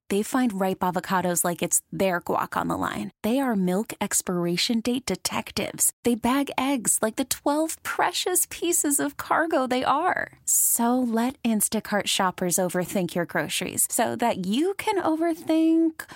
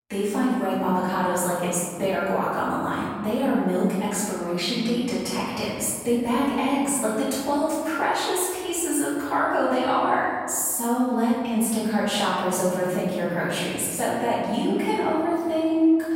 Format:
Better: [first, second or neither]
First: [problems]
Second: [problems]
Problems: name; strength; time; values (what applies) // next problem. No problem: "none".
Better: first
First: none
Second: off-mic speech; far // room echo; strong; dies away in 1.8 s